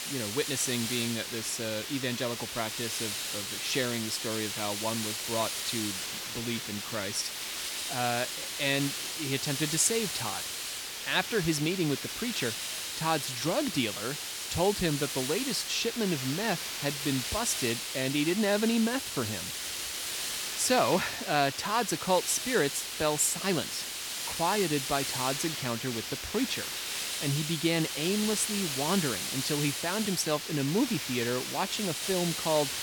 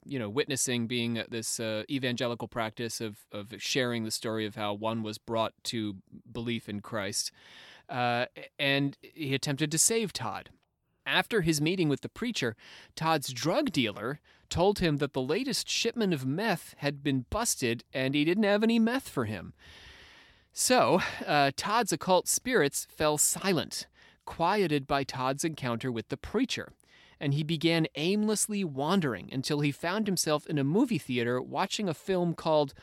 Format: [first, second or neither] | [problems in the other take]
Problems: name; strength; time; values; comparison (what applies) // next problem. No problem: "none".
second | hiss; loud; throughout; 2 dB below the speech